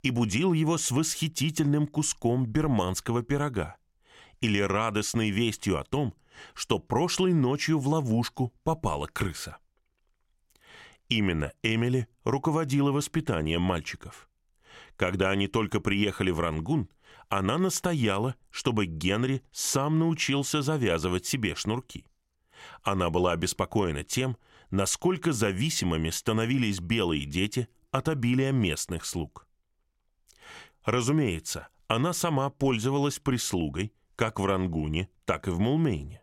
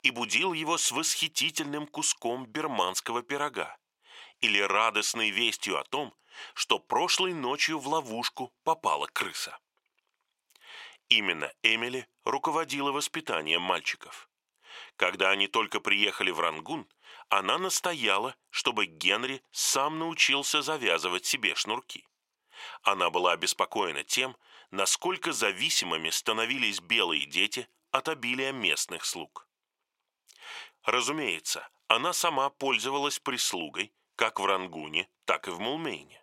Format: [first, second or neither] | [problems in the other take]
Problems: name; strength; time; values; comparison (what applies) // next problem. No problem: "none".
first | thin; very; fading below 500 Hz